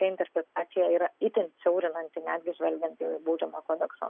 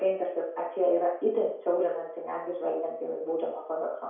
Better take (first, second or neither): first